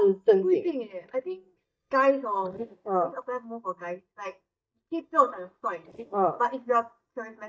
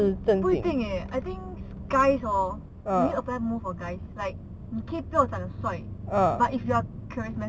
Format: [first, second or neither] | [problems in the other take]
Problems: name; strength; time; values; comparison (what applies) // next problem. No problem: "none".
second | noise reduction (neural mask model DeepFilterNet 3)